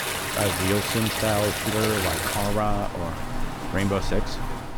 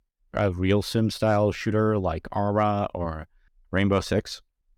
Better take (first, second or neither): second